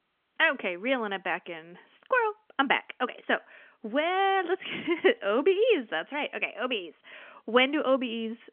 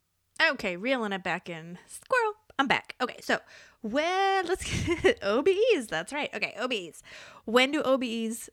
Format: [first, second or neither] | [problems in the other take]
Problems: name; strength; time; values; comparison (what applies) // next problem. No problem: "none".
second | phone-call audio; nothing above 3.5 kHz